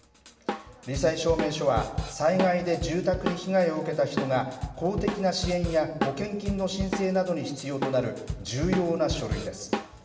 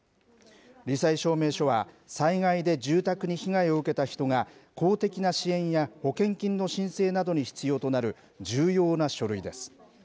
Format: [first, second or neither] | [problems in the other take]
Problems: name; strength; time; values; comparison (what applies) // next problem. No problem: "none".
second | background sound (Drum kit); 7 dB below the speech // room echo; dies away in 1.1 s